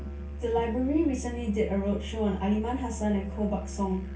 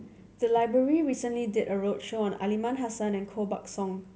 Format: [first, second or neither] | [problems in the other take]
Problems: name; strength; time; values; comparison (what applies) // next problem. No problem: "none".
second | background sound (Musical instrument); 8 dB below the speech // room echo; dies away in 0.2 s